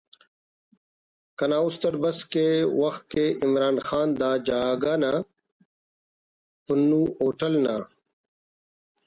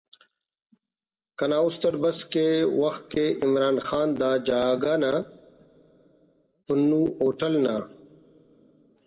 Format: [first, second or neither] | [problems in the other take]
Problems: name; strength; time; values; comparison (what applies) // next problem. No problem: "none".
first | room echo; dies away in 1.2 s